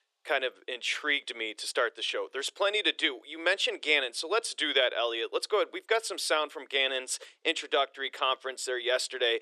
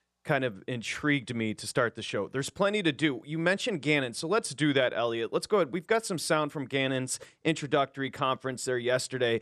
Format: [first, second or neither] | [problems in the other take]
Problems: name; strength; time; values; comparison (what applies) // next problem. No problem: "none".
second | thin; very; fading below 350 Hz